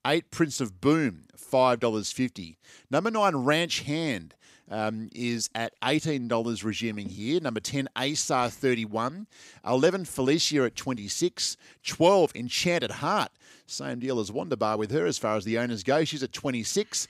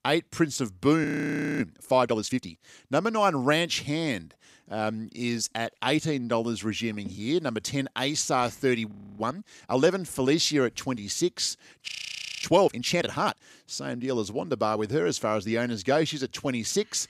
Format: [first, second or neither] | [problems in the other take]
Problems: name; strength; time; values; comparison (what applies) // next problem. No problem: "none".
first | audio freezing; at 1 s for 0.5 s, at 9 s and at 12 s for 0.5 s